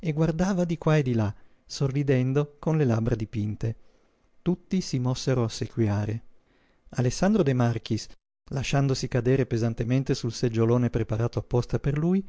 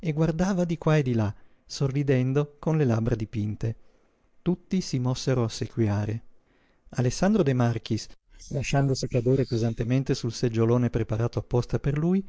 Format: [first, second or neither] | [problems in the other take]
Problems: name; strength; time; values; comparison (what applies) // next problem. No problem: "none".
first | noise reduction (neural mask model Resemble Enhance denoiser)